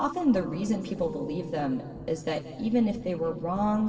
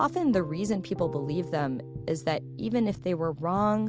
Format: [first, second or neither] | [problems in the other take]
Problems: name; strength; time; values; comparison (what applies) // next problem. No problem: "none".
second | room echo; dies away in 2.1 s